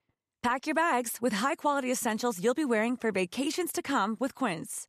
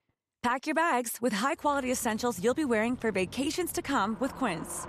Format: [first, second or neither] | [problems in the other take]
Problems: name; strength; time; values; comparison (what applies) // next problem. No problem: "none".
first | traffic noise; noticeable; from 2 s on; 20 dB below the speech